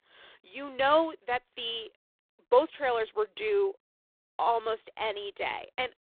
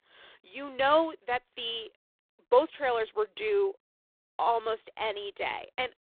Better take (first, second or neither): neither